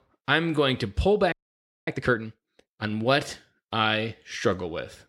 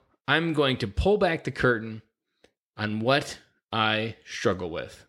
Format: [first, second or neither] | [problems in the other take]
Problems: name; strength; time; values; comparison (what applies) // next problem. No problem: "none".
second | audio freezing; at 1.5 s for 0.5 s